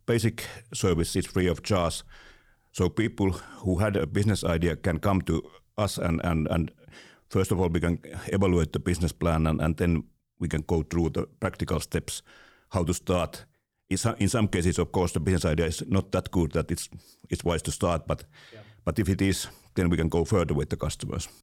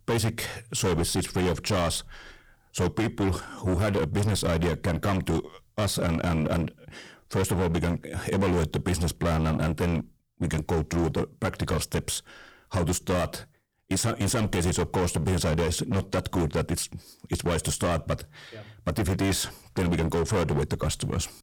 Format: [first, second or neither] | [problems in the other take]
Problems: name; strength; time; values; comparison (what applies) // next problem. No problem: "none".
first | distortion; heavy; 19% of the sound clipped